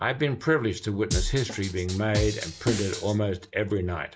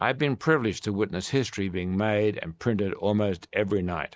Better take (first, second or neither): second